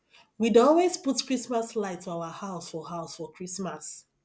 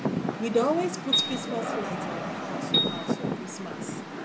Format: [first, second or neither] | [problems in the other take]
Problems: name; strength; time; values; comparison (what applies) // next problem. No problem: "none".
first | background sound (Piano + Rain); 2 dB above the speech